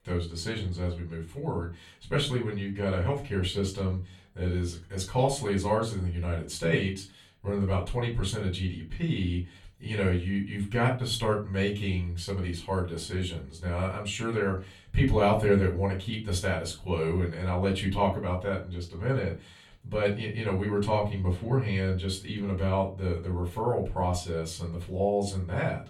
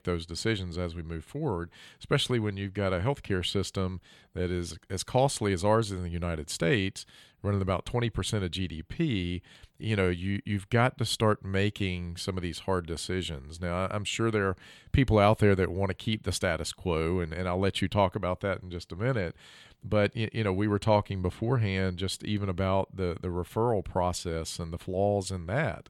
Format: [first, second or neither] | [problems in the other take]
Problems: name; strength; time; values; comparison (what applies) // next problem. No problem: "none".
second | off-mic speech; far // room echo; very slight; dies away in 0.3 s